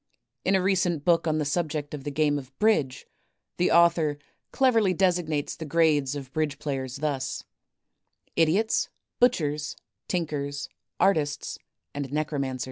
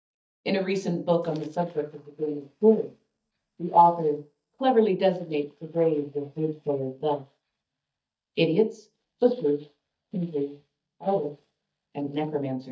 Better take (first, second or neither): first